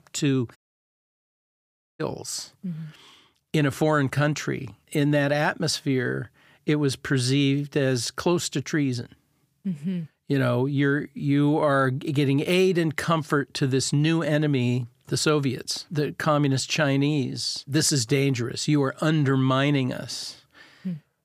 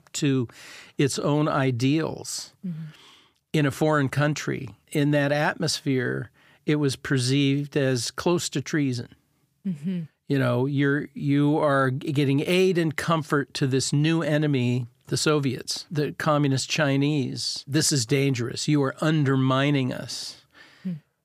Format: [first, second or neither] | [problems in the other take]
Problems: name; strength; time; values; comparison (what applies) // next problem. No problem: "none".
second | audio cutting out; at 0.5 s for 1.5 s